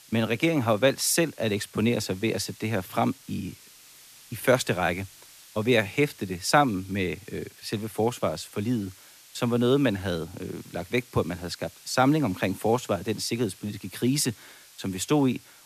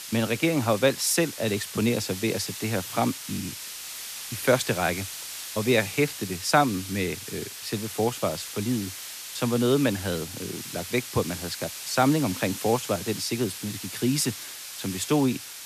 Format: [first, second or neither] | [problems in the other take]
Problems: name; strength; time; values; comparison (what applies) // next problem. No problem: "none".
first | hiss; loud; throughout; 9 dB below the speech; faint in the first